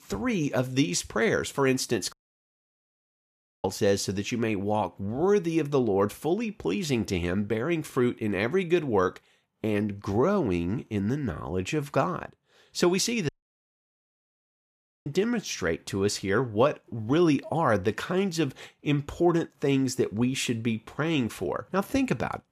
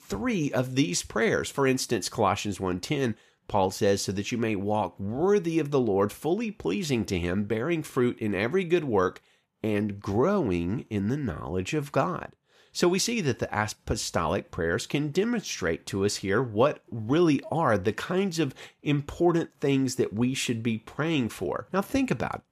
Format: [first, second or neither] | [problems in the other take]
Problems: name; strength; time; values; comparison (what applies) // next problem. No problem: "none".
second | audio cutting out; at 2 s for 1.5 s and at 13 s for 2 s